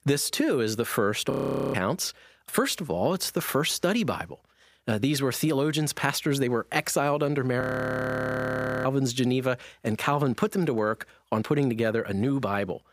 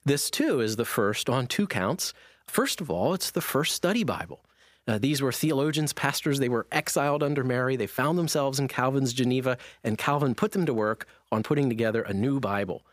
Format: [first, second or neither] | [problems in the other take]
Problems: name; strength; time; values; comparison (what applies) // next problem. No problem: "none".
second | audio freezing; at 1.5 s and at 7.5 s for 1 s